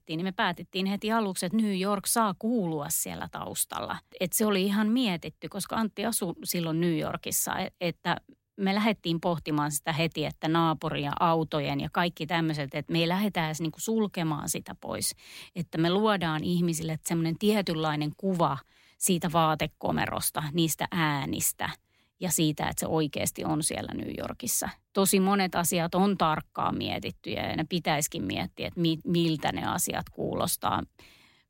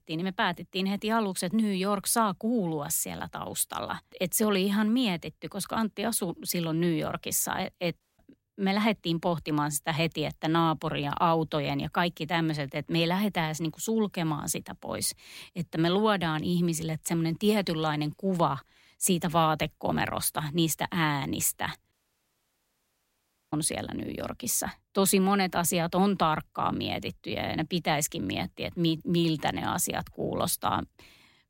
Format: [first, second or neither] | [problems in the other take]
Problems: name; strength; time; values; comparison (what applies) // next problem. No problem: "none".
first | audio cutting out; at 8 s and at 22 s for 1.5 s